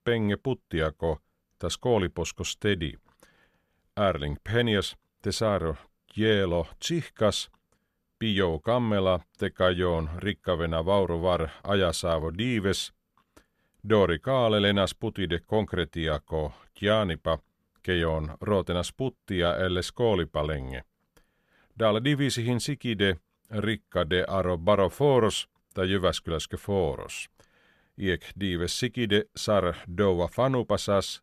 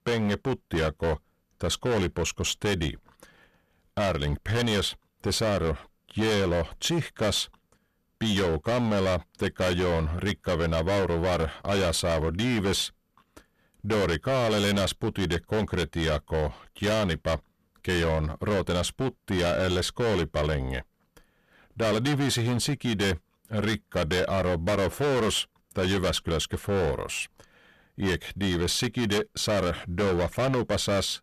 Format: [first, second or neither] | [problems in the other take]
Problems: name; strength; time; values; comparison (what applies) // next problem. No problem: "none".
first | distortion; heavy; 20% of the sound clipped